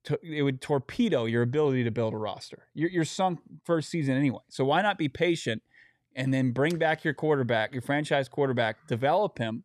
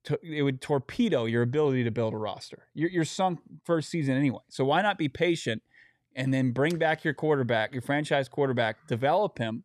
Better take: neither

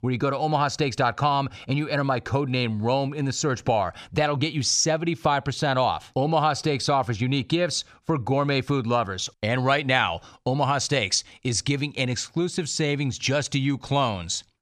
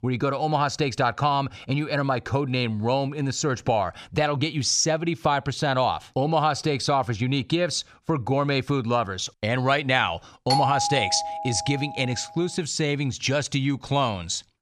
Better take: first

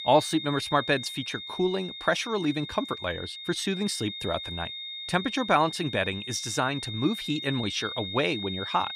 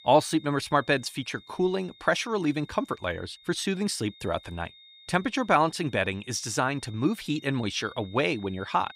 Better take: second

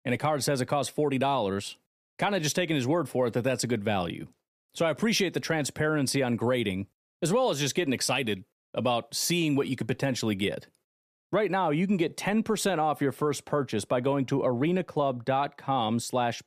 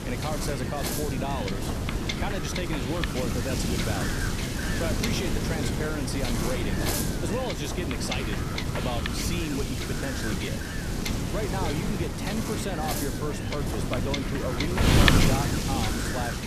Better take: first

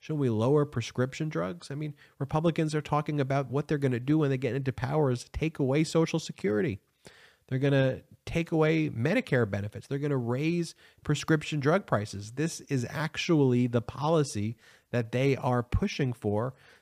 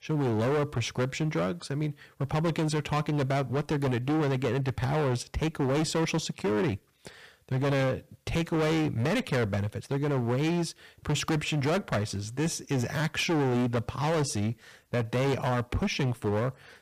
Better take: first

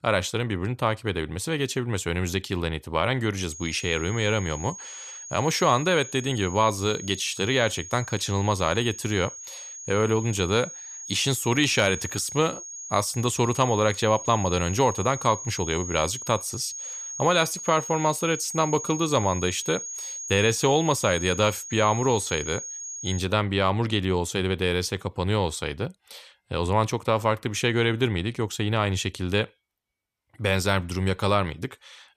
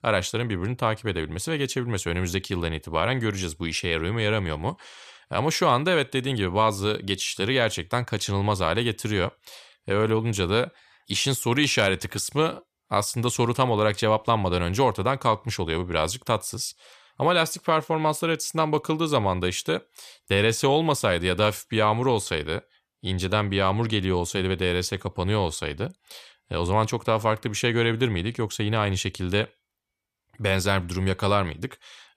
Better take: second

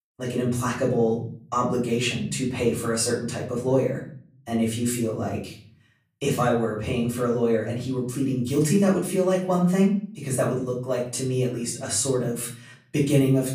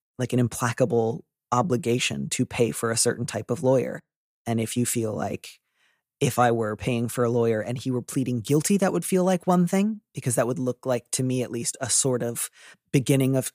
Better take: second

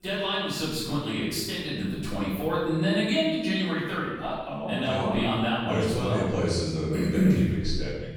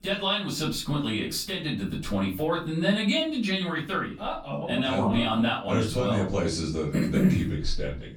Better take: second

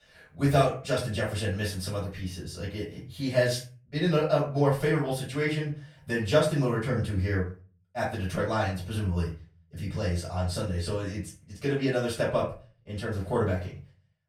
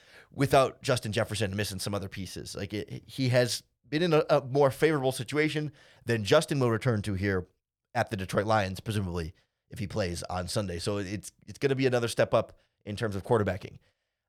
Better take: second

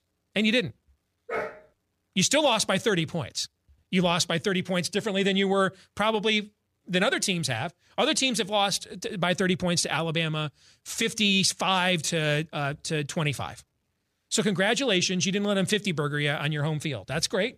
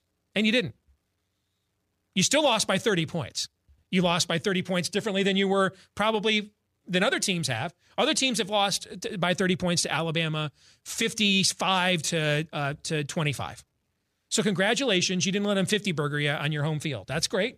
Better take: second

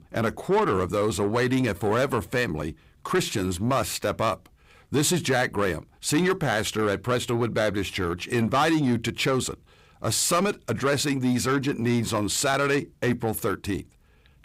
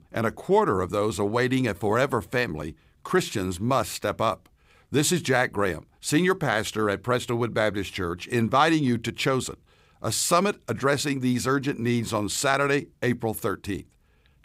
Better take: second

